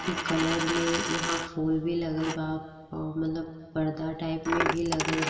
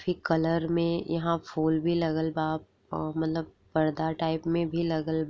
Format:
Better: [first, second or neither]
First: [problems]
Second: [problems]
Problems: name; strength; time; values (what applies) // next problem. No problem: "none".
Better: second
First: background sound (Coin (dropping)); 4 dB below the speech // room echo; dies away in 2.3 s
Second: none